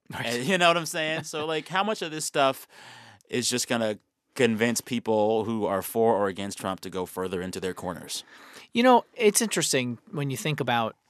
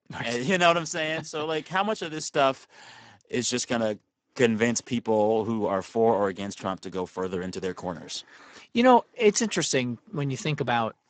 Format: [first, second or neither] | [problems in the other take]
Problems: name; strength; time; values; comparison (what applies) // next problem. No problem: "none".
first | garbled, watery; badly; nothing above 8 kHz